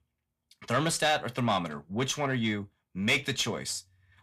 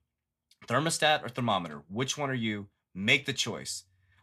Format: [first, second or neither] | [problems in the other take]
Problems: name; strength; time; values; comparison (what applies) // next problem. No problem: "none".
second | distortion; slight; 10 dB below the speech